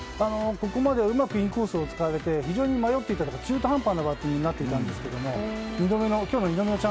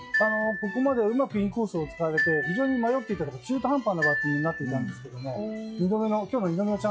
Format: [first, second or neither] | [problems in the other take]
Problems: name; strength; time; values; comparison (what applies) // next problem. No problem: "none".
first | noise reduction (classical method log-MMSE)